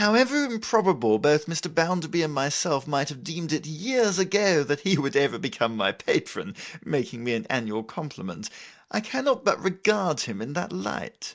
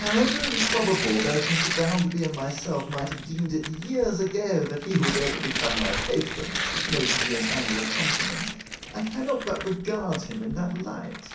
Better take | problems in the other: first | background sound (Tearing); 3 dB below the speech // room echo; dies away in 0.6 s

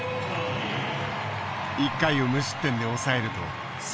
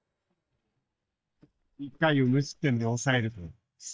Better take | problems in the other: first | noise reduction (neural mask model DeepFilterNet 3)

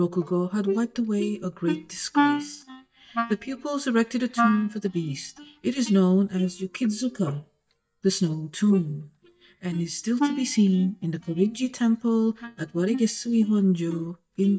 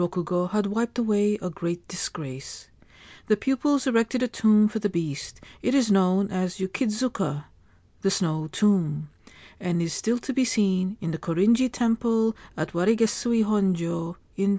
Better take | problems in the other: second | noise reduction (neural mask model DeepFilterNet 3)

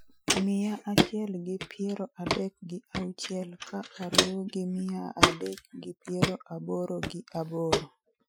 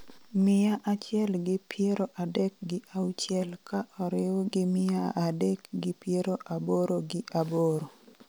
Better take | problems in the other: second | noise reduction (classical method Wiener filter)

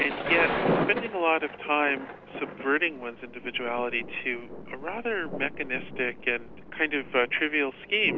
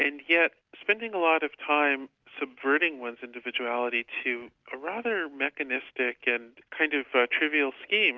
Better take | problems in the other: second | background sound (Thunder); 6 dB below the speech

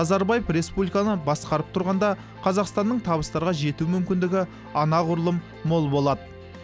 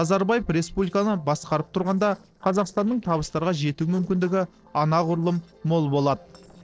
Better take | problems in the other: first | noise reduction (neural separator model SepFormer DNS4)

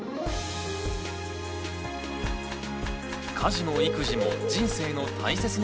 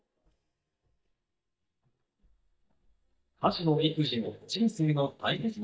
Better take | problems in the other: first | noise reduction (neural mask model DeepFilterNet 3)

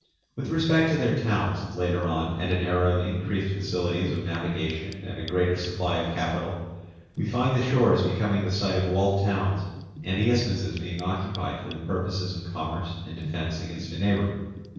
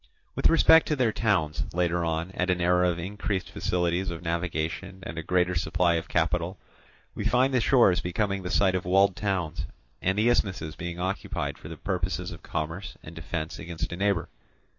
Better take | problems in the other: second | noise reduction (neural separator model SepFormer DNS4)

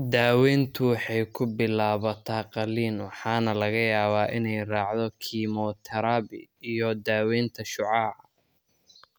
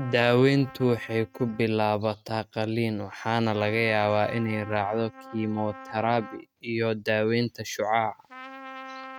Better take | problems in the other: first | noise reduction (neural mask model RNNoise)

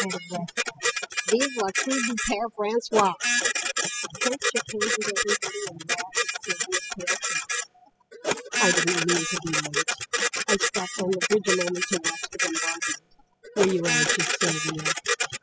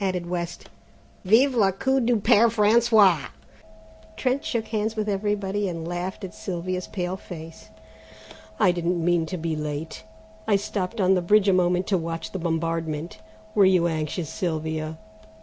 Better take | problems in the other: second | noise reduction (classical method spectral subtraction)

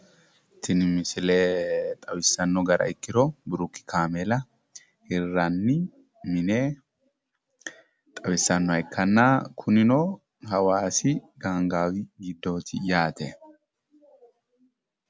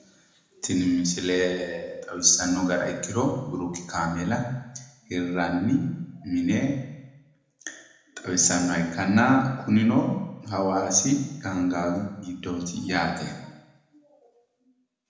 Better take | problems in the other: first | room echo; dies away in 0.8 s

